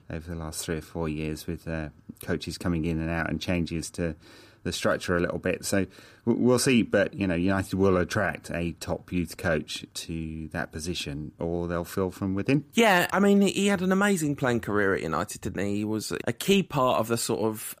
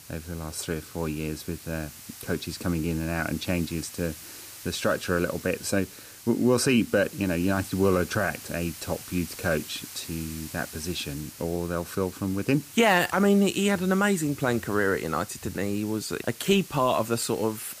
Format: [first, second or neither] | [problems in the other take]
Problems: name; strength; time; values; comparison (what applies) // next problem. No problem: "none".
first | hiss; noticeable; throughout; 15 dB below the speech